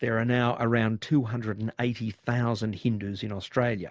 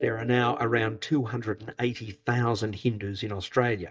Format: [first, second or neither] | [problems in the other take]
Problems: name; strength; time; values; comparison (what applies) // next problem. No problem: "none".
first | noise reduction (neural mask model DeepFilterNet 3)